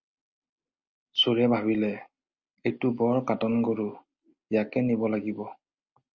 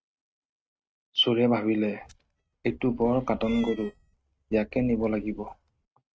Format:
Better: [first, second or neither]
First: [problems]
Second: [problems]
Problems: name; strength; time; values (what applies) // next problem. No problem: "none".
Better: first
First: none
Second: noise reduction (neural mask model RNNoise)